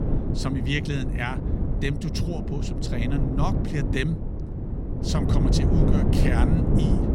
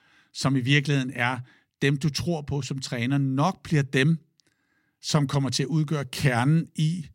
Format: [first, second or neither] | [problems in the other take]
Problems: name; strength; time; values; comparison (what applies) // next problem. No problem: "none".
second | wind noise on the microphone; heavy; 1 dB below the speech